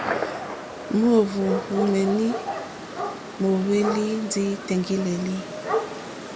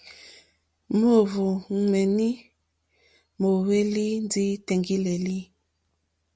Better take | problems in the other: second | background sound (Gunshot, gunfire); 6 dB below the speech

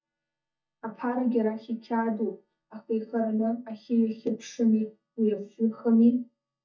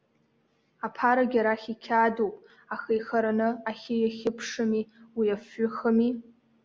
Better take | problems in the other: second | noise reduction (neural mask model DeepFilterNet 3)

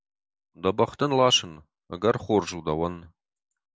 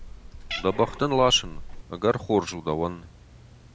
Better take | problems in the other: first | background sound (Cat); 13 dB below the speech

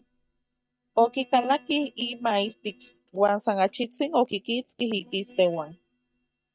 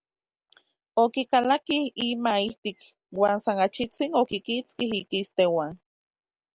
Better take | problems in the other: second | noise reduction (neural mask model DeepFilterNet 3)

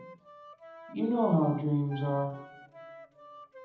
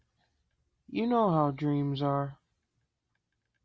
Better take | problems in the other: second | background sound (Wind instrument, woodwind instrument); 19 dB below the speech // room echo; dies away in 0.8 s

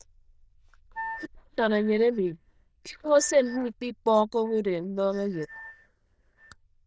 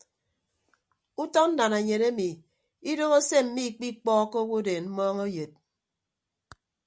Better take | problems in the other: second | noise reduction (neural diffusion model UNIVERSE++)

